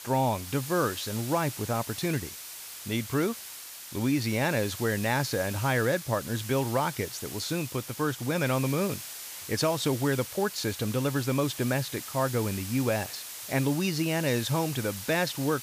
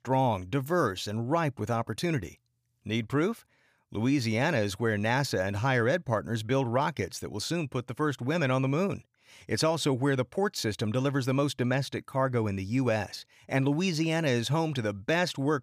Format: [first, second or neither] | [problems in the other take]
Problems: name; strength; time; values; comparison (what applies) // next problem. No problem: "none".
second | hiss; loud; throughout; 9 dB below the speech